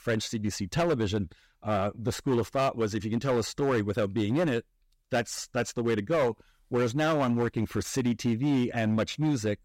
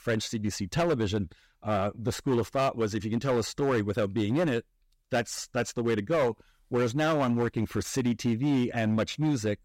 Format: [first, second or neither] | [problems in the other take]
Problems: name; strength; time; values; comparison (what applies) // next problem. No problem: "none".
neither | distortion; slight; 9% of the sound clipped; the same in both